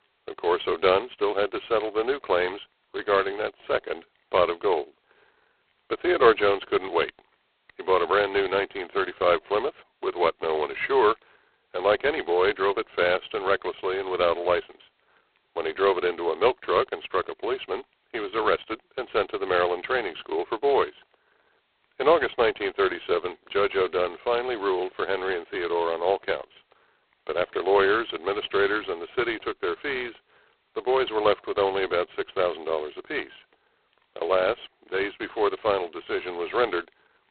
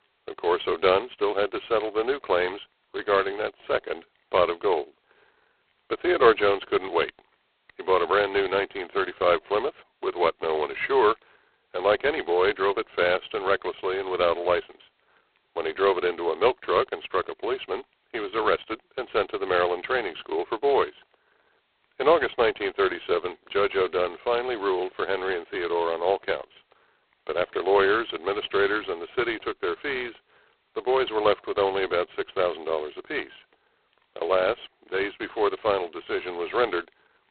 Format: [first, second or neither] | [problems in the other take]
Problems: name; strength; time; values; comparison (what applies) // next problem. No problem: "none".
neither | phone-call audio; poor line; nothing above 4 kHz; the same in both